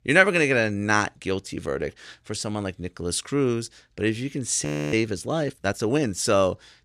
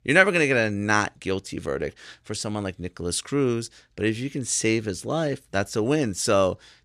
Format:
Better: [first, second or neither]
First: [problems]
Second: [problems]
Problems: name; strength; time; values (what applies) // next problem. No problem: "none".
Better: second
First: audio freezing; at 4.5 s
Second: none